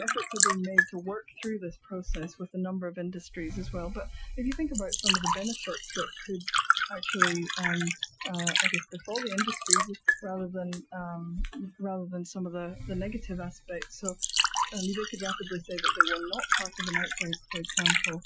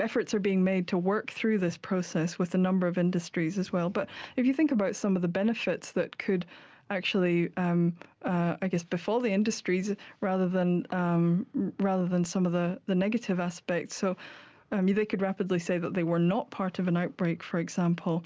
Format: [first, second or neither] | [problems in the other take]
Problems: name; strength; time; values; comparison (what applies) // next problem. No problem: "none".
second | noise reduction (classical method Wiener filter)